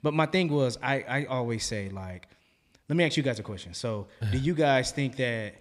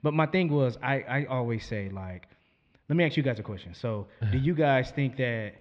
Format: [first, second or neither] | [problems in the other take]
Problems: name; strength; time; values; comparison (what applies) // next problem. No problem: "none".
first | muffled; slightly; fading above 3 kHz